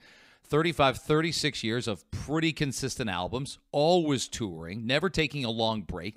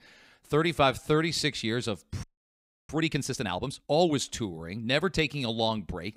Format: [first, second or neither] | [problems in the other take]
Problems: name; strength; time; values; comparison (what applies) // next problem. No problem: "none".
first | audio freezing; at 2 s for 0.5 s